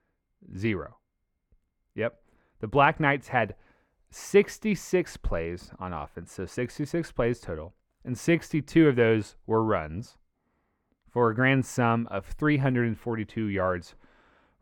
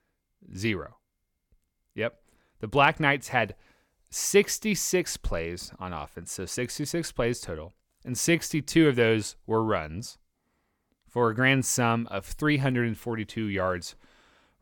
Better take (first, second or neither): second